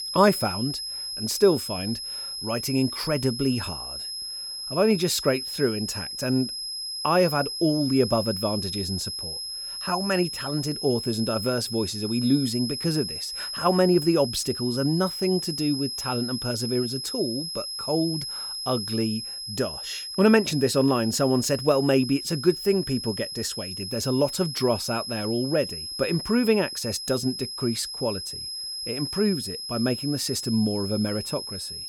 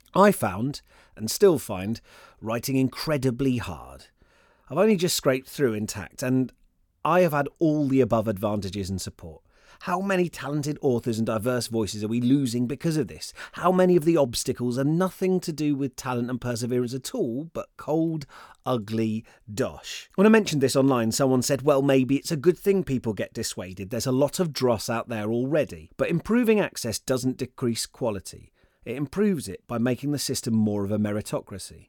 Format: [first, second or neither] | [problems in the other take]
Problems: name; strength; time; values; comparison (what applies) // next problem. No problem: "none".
second | high-pitched whine; loud; throughout; 5 kHz, 6 dB below the speech